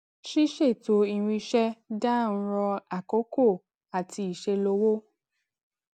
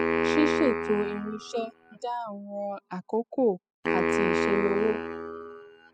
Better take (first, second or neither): first